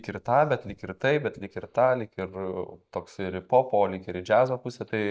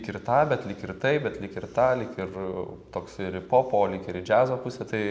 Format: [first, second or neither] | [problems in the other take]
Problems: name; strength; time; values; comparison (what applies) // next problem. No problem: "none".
second | noise reduction (neural mask model DeepFilterNet 3)